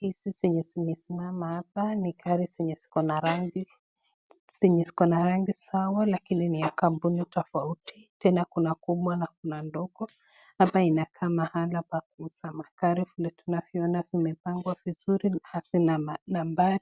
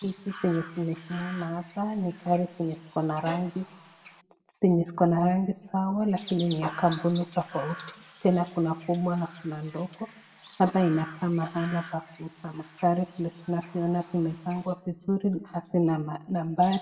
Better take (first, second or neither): first